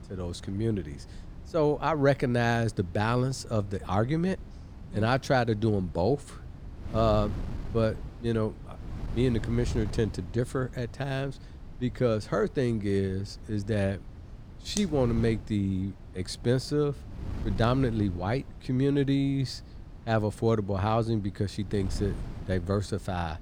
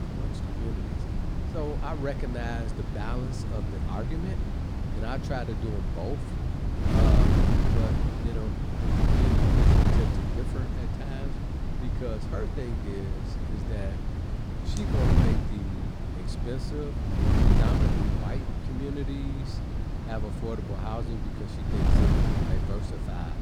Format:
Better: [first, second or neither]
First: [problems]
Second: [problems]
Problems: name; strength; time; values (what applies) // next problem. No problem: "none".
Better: first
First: wind noise on the microphone; occasional gusts; 20 dB below the speech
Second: wind noise on the microphone; heavy; 2 dB above the speech